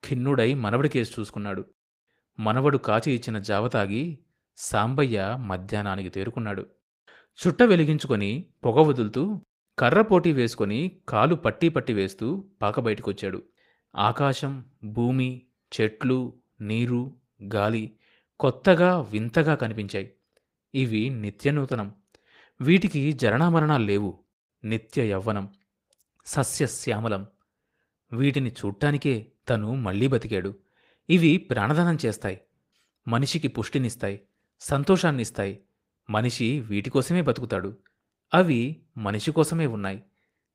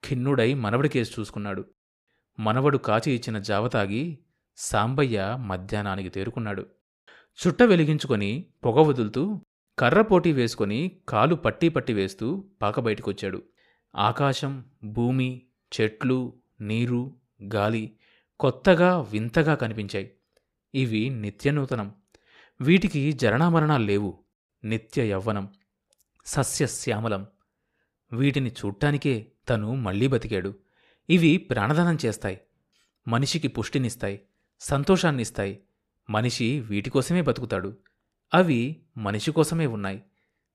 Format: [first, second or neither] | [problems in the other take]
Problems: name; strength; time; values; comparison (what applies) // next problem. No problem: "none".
second | garbled, watery; slightly; nothing above 15.5 kHz